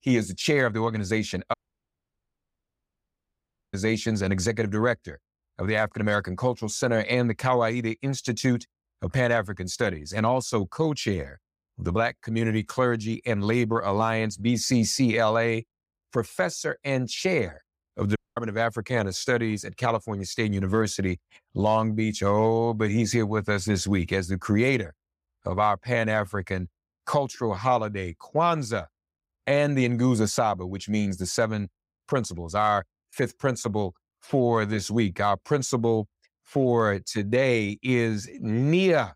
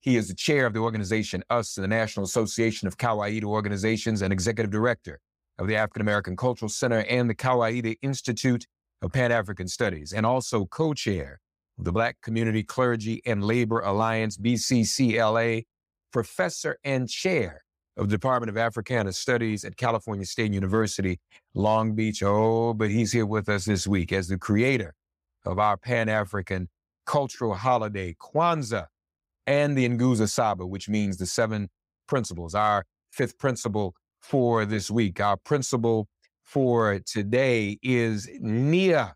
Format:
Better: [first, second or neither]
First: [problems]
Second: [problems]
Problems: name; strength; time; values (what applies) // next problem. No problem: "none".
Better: second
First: audio cutting out; at 1.5 s for 2 s and at 18 s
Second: none